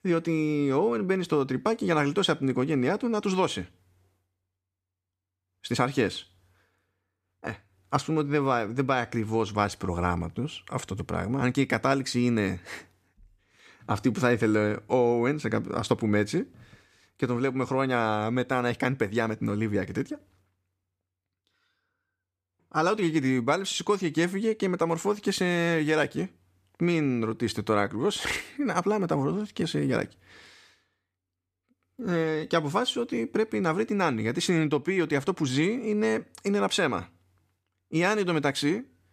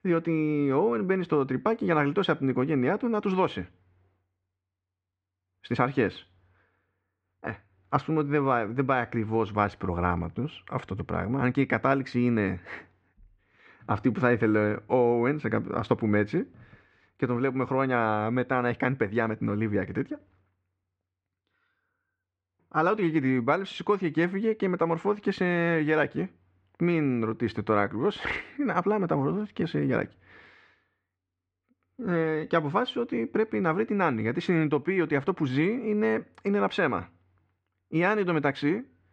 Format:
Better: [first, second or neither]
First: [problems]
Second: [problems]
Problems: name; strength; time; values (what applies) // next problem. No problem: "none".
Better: first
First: none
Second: muffled; very; fading above 2 kHz